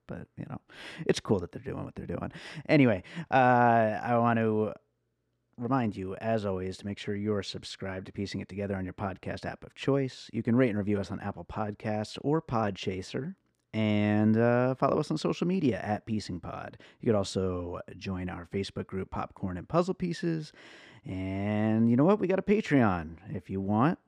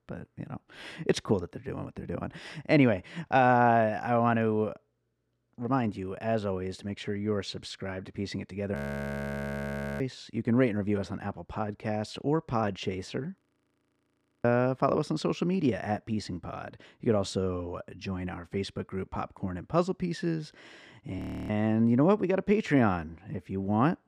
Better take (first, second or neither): first